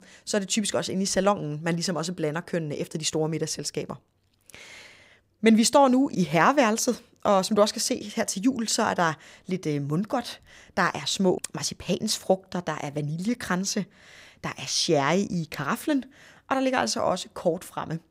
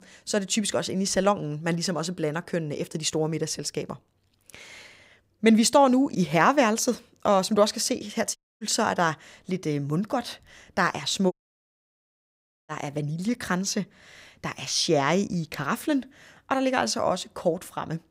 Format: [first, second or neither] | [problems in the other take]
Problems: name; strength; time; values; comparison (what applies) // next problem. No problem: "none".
first | audio cutting out; at 8.5 s and at 11 s for 1.5 s